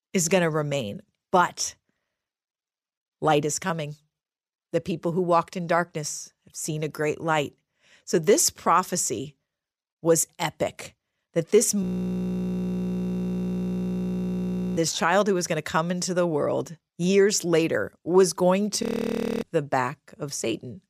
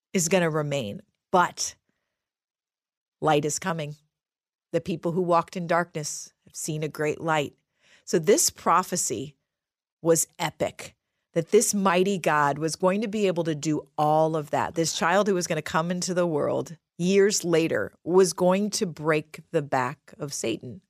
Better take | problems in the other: second | audio freezing; at 12 s for 3 s and at 19 s for 0.5 s

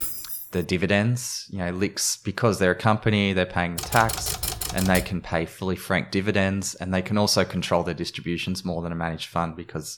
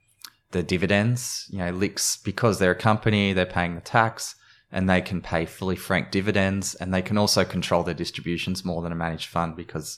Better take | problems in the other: second | jangling keys; noticeable; at the start; peak 3 dB below the speech // keyboard typing; noticeable; from 4 to 5 s; peak 2 dB below the speech

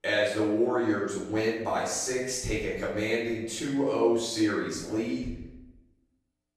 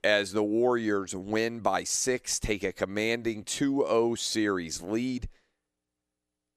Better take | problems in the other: second | off-mic speech; far // room echo; noticeable; dies away in 0.8 s

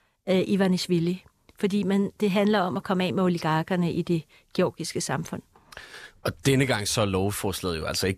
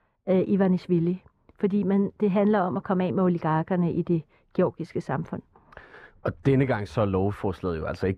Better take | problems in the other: first | muffled; very; fading above 3 kHz

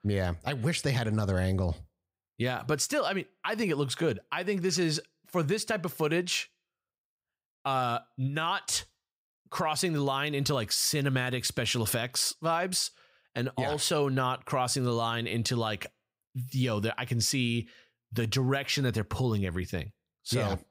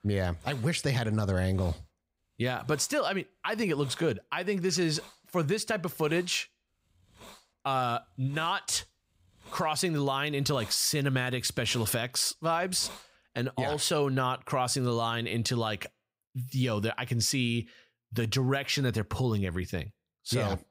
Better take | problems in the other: first | hiss; faint; until 14 s; 20 dB below the speech

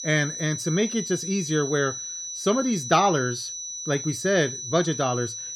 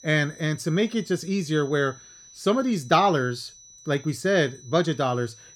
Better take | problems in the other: second | high-pitched whine; loud; throughout; 6 kHz, 7 dB below the speech; faint in the second

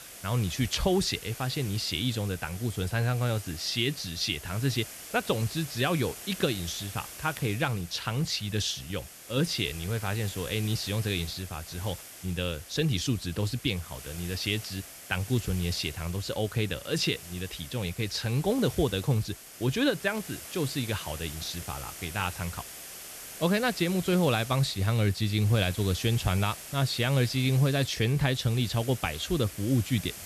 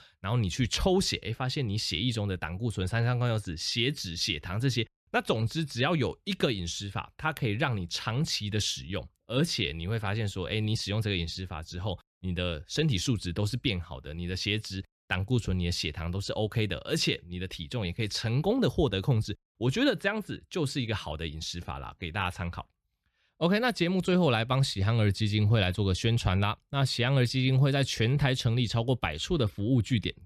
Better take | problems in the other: second | hiss; noticeable; throughout; 10 dB below the speech

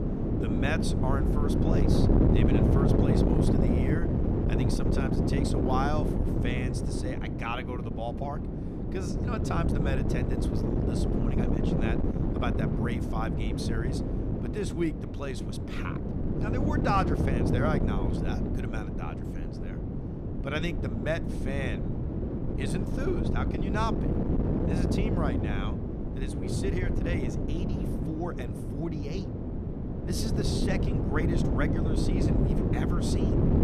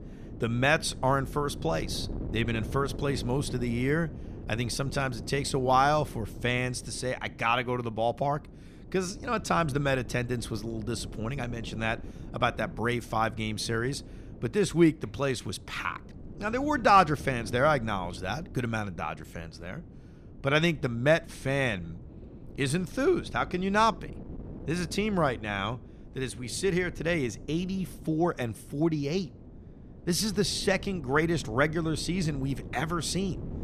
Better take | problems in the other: second | wind noise on the microphone; heavy; 1 dB above the speech; occasional gusts in the second

